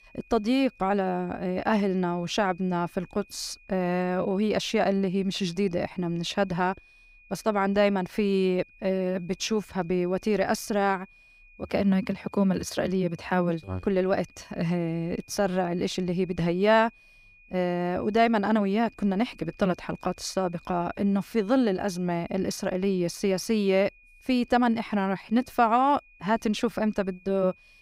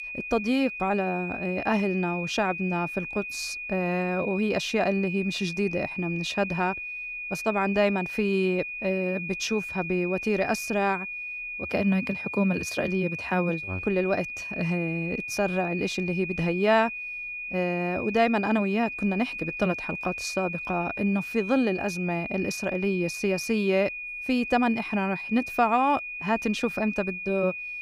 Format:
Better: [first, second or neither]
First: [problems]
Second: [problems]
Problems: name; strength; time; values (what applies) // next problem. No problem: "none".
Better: first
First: high-pitched whine; faint; throughout; 2.5 kHz, 30 dB below the speech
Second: high-pitched whine; loud; throughout; 2.5 kHz, 6 dB below the speech